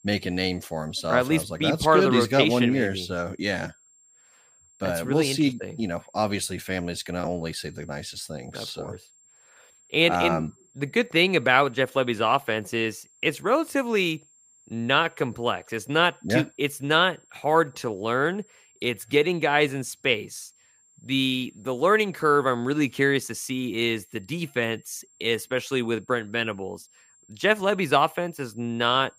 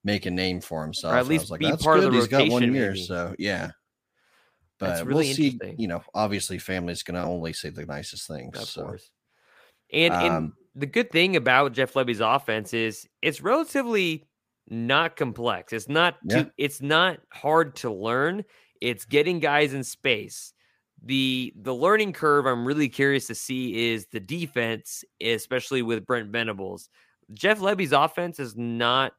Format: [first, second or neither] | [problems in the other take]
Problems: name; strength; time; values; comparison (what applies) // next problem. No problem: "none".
second | high-pitched whine; faint; throughout; 7.5 kHz, 30 dB below the speech